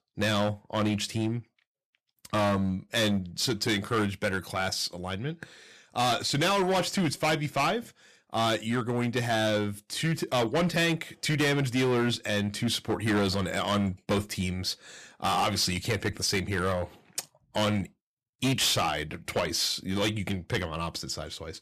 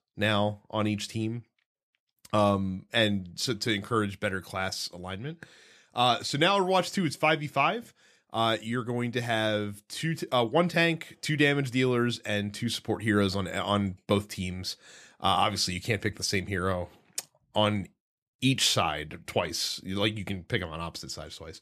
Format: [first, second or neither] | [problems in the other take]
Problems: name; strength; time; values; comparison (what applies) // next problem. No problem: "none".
second | distortion; heavy; 11% of the sound clipped